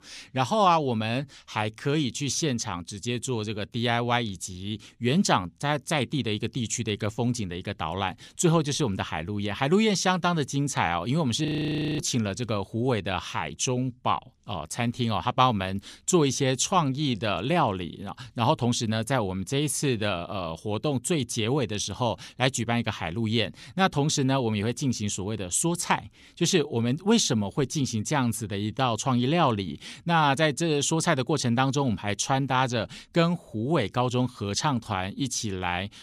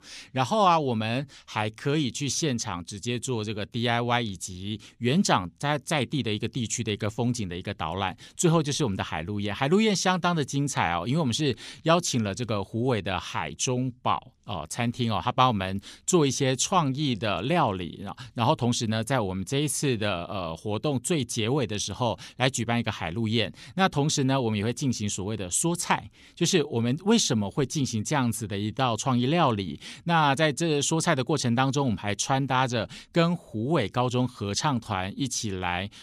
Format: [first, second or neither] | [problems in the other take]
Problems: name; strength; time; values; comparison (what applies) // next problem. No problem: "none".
second | audio freezing; at 11 s for 0.5 s